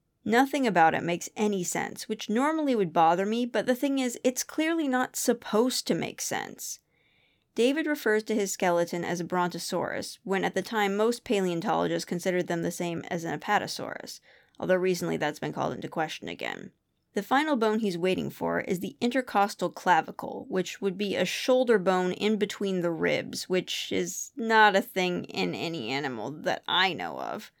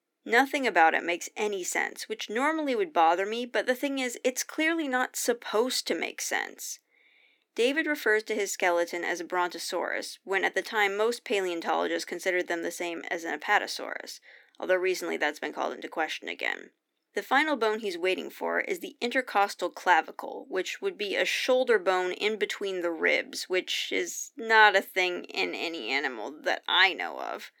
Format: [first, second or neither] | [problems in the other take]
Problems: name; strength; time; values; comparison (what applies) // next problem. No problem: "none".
first | thin; somewhat; fading below 300 Hz